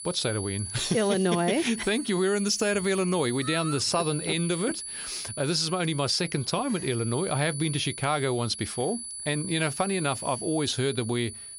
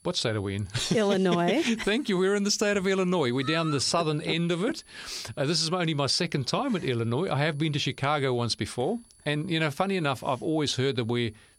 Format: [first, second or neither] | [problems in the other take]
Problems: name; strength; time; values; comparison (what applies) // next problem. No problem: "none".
second | high-pitched whine; loud; throughout; 10 kHz, 8 dB below the speech; faint in the second